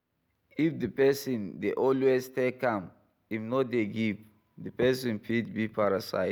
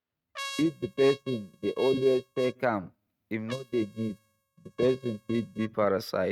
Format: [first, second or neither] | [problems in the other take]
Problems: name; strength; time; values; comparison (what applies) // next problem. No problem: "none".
first | noise reduction (neural mask model RNNoise)